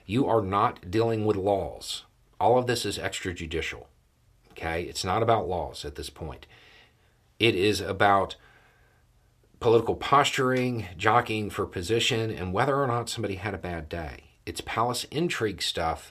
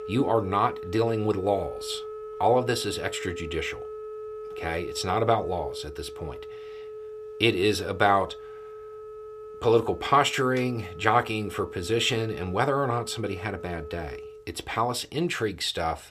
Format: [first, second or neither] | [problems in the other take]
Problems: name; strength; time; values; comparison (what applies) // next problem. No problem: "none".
first | background music; noticeable; throughout; 15 dB below the speech